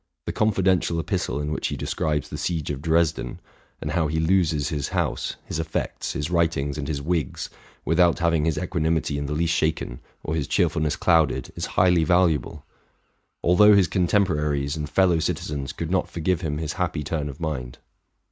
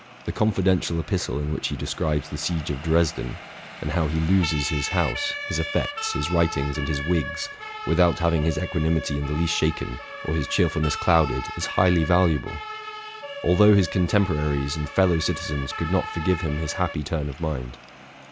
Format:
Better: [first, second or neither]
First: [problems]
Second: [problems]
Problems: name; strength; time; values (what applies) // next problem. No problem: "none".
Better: first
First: none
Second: background sound (Siren); 11 dB below the speech